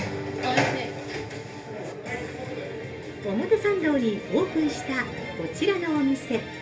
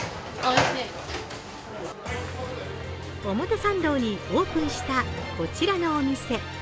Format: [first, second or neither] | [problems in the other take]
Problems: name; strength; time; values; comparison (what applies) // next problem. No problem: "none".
second | background sound (Guitar); 14 dB below the speech // room echo; dies away in 0.3 s